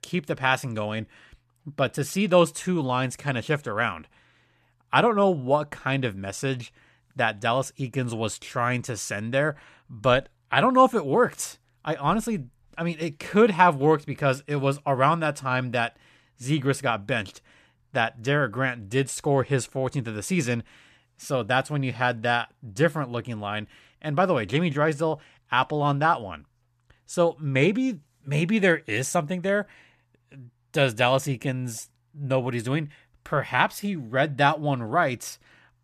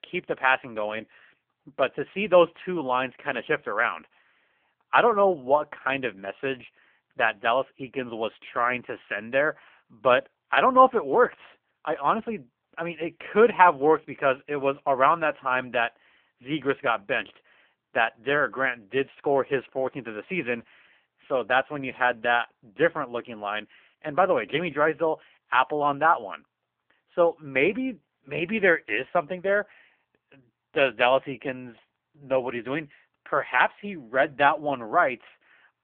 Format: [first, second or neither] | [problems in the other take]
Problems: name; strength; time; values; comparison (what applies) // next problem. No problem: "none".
first | phone-call audio; poor line; nothing above 3 kHz